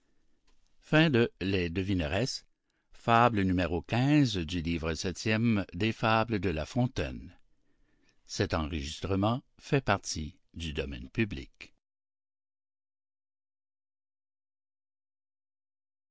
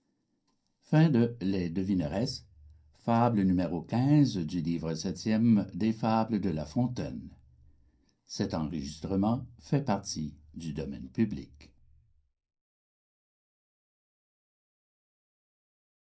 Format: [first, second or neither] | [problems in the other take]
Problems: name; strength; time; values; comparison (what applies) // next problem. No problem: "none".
first | room echo; dies away in 0.3 s